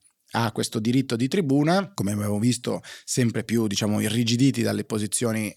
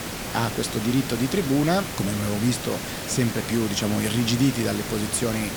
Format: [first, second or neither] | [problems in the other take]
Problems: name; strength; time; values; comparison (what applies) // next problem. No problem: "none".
first | hiss; loud; throughout; 6 dB below the speech